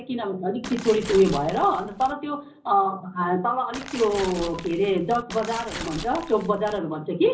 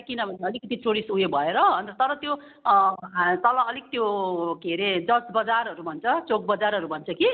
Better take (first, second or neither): second